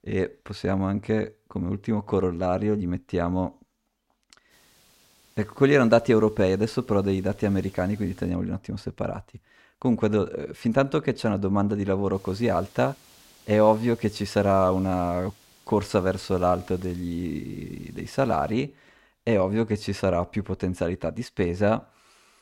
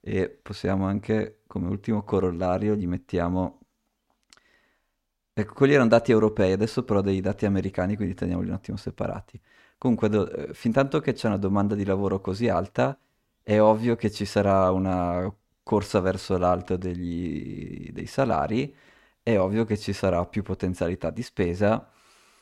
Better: second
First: hiss; faint; from 4.5 to 8.5 s and from 12 to 19 s; 30 dB below the speech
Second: none

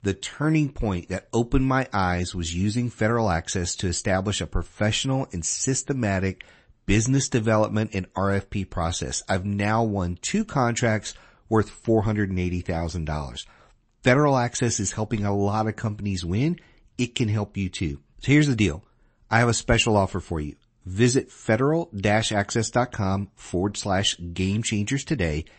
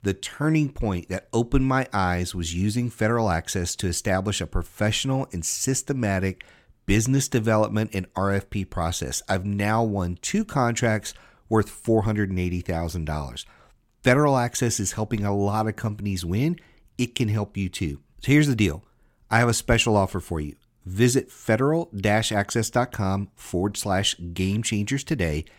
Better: second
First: garbled, watery; slightly; nothing above 8 kHz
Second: none

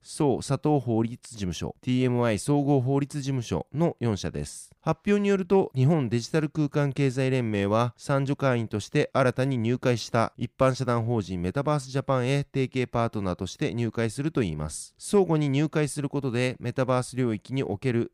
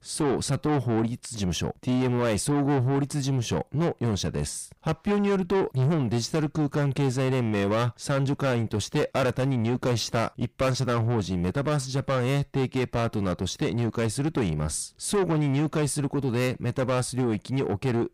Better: first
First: none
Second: distortion; heavy; 7 dB below the speech

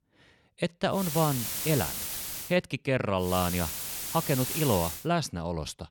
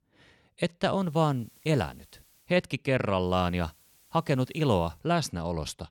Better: second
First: hiss; loud; from 1 to 2.5 s and from 3.5 to 5 s; 3 dB below the speech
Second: hiss; faint; from 1 to 2.5 s and from 3.5 to 5 s; 30 dB below the speech

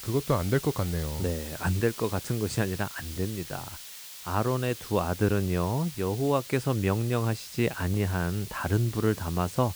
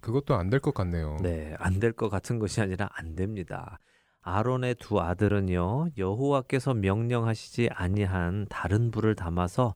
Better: second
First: hiss; noticeable; throughout; 10 dB below the speech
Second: none

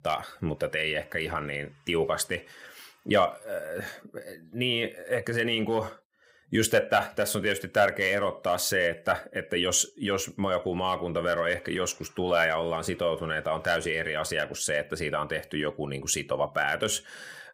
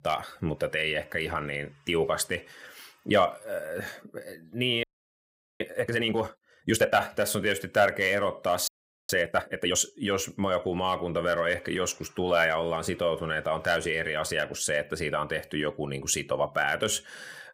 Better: first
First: none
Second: audio freezing; at 5 s for 1 s and at 8.5 s

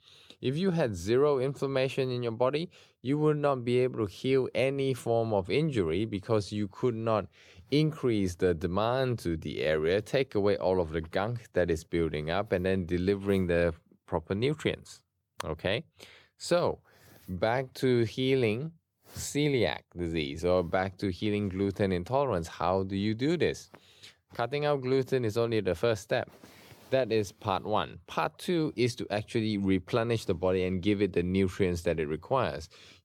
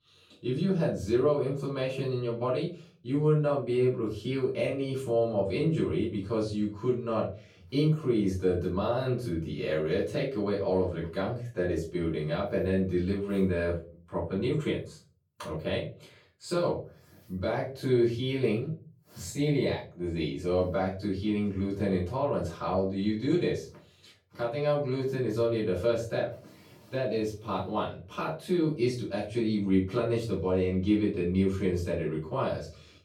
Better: first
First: none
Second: room echo; slight; dies away in 0.3 s // off-mic speech; far

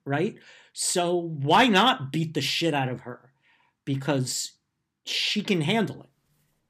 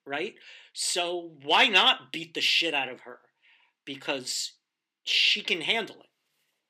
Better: first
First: none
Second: thin; somewhat; fading below 400 Hz

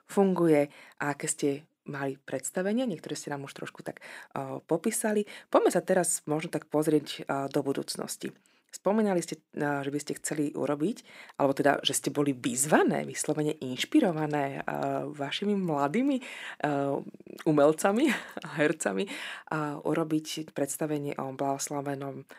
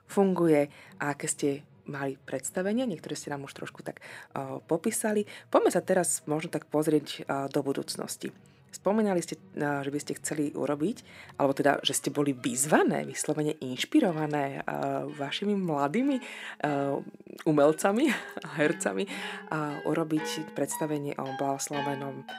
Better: first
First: none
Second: background music; noticeable; throughout; 15 dB below the speech

